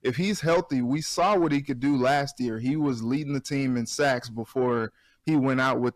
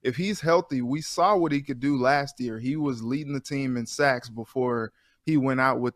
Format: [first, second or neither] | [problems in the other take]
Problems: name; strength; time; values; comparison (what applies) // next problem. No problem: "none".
second | distortion; slight; 10 dB below the speech